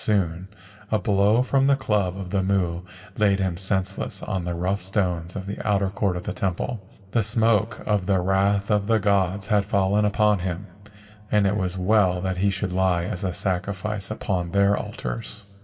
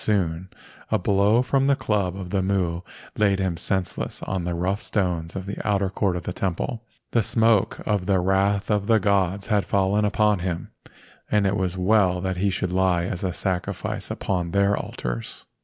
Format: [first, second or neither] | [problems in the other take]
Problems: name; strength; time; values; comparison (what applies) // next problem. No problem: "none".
second | room echo; dies away in 3 s